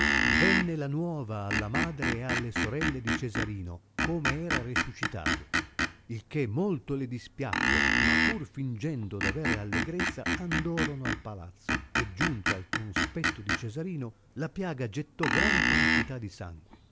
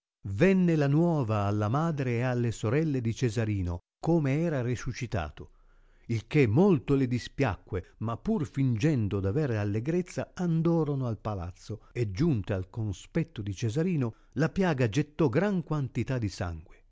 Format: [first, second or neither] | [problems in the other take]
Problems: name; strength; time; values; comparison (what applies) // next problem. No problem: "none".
second | background sound (Screech); 4 dB above the speech